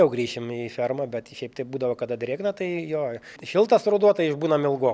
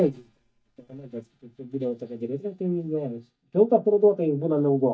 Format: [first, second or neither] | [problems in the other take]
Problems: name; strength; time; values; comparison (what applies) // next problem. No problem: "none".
first | noise reduction (neural mask model DeepFilterNet 3)